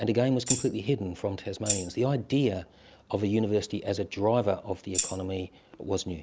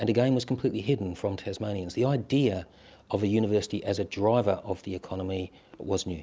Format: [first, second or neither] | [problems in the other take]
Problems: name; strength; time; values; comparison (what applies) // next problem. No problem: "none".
second | background sound (Tambourine); 4 dB below the speech